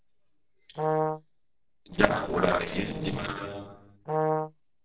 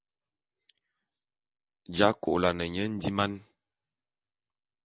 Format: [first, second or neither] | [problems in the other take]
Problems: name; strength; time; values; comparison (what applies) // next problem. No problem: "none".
second | noise reduction (neural separator model SepFormer DNS4)